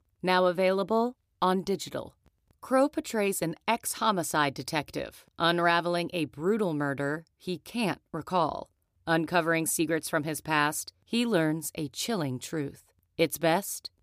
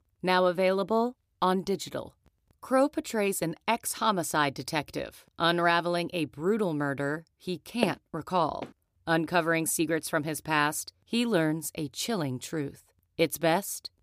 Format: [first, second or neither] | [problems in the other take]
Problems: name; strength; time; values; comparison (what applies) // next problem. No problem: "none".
first | footsteps; noticeable; at 8 s; peak 6 dB below the speech